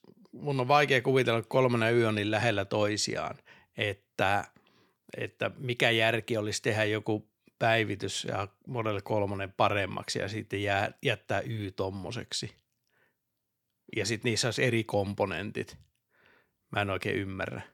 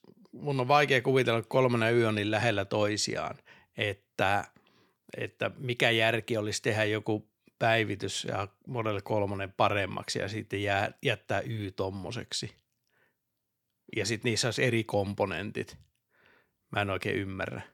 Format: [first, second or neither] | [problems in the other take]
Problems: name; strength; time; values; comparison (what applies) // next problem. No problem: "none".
neither | none